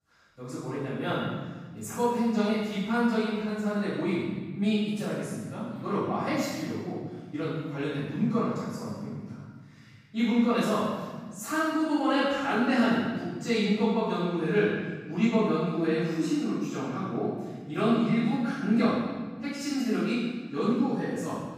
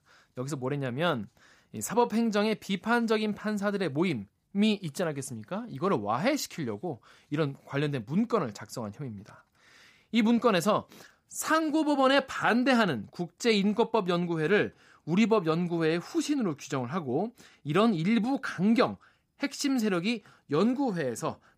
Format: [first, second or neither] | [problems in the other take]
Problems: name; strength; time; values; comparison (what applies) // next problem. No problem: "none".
second | off-mic speech; far // room echo; strong; dies away in 1.4 s